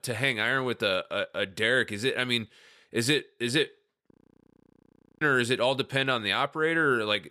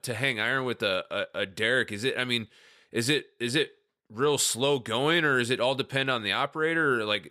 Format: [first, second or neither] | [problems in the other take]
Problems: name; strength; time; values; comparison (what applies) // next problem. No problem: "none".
second | audio freezing; at 4 s for 1 s